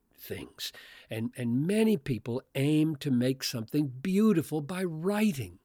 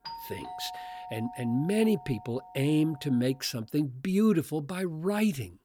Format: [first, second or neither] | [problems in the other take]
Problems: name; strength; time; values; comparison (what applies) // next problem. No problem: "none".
first | doorbell; faint; until 3.5 s; peak 10 dB below the speech